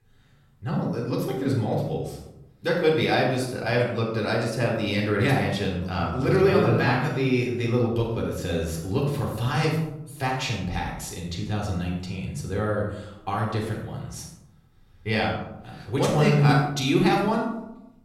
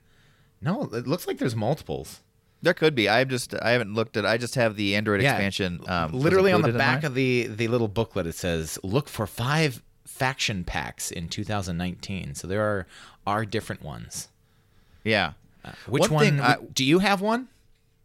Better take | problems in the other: second | off-mic speech; far // room echo; noticeable; dies away in 0.8 s

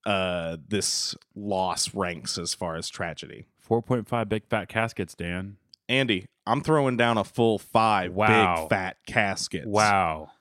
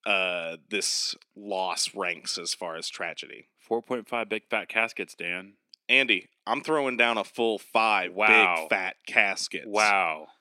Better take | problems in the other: first | thin; somewhat; fading below 250 Hz

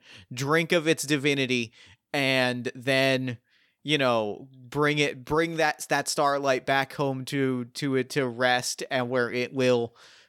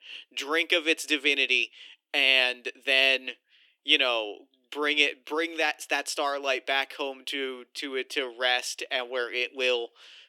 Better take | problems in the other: first | thin; somewhat; fading below 300 Hz

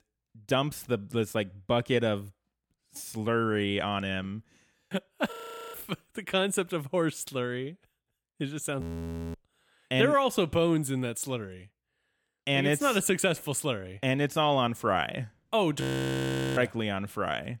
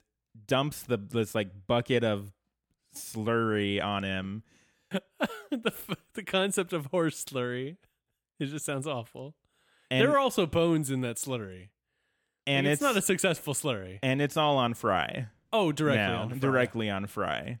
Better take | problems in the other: second | audio freezing; at 5.5 s, at 9 s for 0.5 s and at 16 s for 1 s

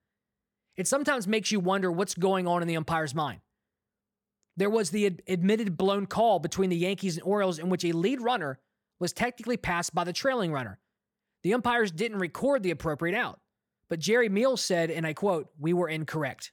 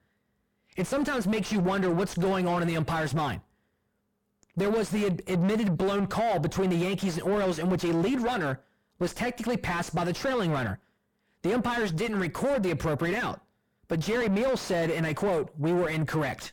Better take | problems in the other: first | distortion; heavy; 4 dB below the speech

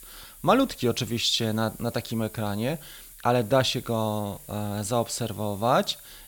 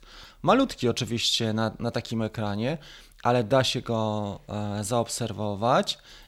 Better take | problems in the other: second | hiss; noticeable; throughout; 20 dB below the speech

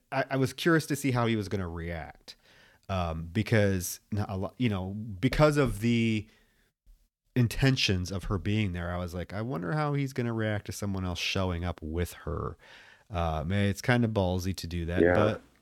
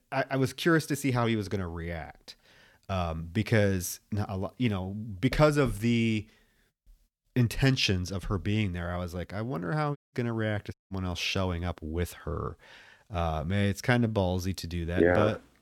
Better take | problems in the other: first | audio cutting out; at 10 s and at 11 s

